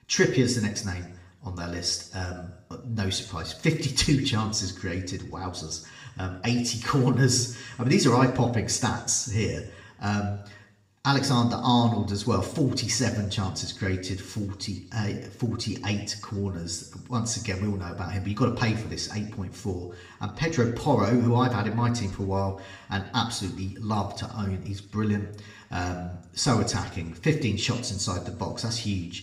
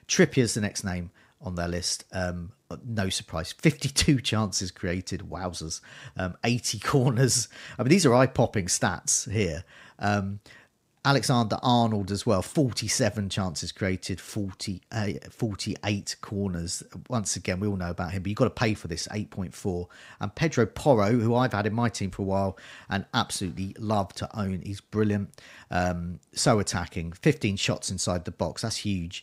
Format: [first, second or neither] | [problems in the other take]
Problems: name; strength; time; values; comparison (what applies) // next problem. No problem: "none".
second | room echo; slight; dies away in 0.7 s // off-mic speech; somewhat distant